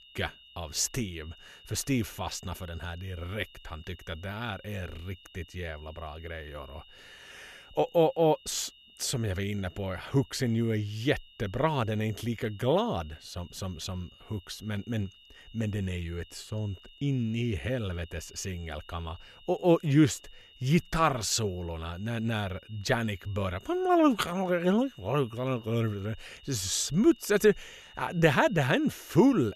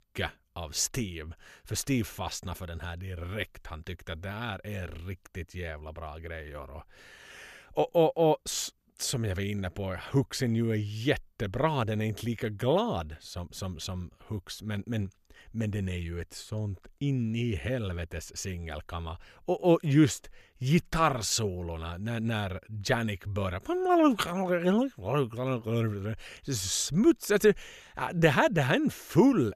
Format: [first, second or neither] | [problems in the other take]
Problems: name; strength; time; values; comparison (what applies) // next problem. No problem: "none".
second | high-pitched whine; faint; throughout; 3 kHz, 25 dB below the speech